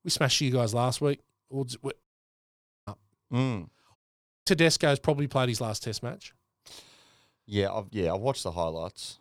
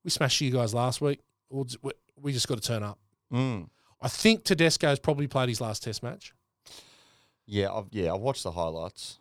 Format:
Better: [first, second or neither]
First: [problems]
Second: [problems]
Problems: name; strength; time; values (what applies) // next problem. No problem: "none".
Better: second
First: audio cutting out; at 2 s for 1 s and at 4 s for 0.5 s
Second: none